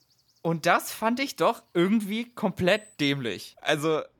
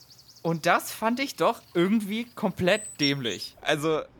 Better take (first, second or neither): first